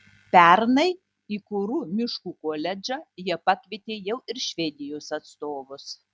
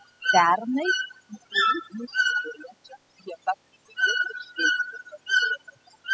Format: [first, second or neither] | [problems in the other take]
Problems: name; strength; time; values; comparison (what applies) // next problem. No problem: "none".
first | noise reduction (classical method spectral subtraction)